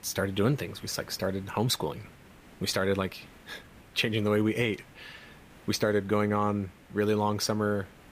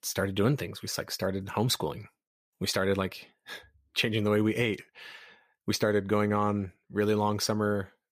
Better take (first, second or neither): second